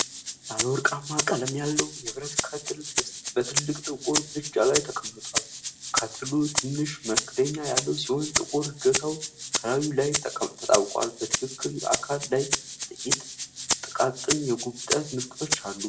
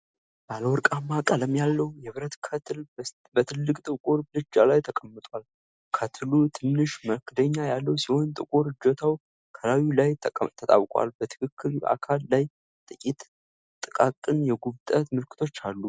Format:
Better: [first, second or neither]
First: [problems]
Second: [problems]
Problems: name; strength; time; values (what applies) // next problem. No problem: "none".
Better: second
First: background sound (Rattle (instrument)); 2 dB below the speech // room echo; dies away in 0.3 s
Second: none